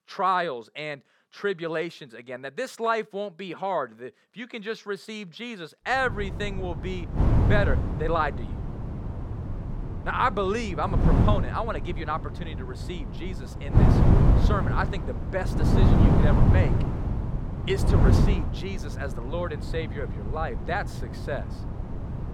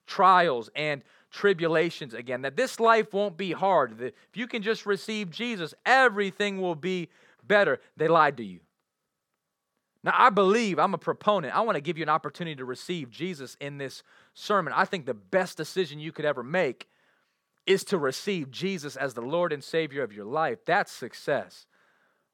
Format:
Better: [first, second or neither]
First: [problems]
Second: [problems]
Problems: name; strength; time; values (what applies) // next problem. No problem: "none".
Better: second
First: wind noise on the microphone; heavy; from 6 s on; 5 dB below the speech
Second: none